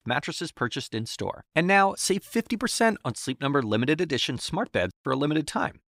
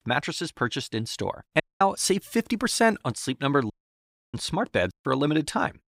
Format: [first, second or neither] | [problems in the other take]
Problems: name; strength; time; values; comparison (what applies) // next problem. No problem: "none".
first | audio cutting out; at 1.5 s and at 3.5 s for 0.5 s